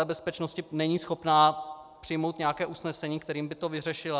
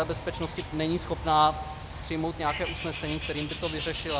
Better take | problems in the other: first | background sound (Bird); 7 dB below the speech

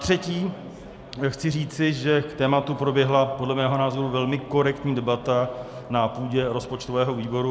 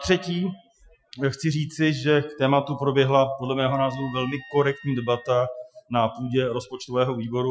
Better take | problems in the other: first | noise reduction (classical method Wiener filter)

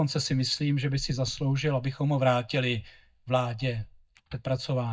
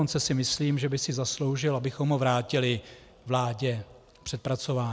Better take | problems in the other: second | noise reduction (neural mask model DeepFilterNet 3)

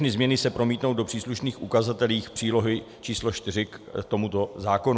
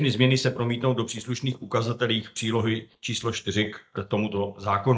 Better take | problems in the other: first | noise reduction (neural mask model DeepFilterNet 3)

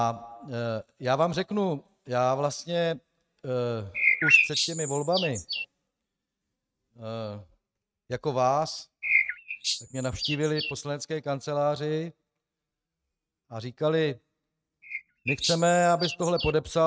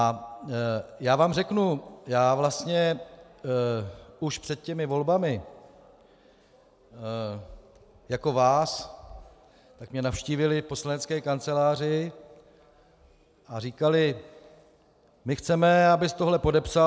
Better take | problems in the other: second | noise reduction (neural mask model RNNoise)

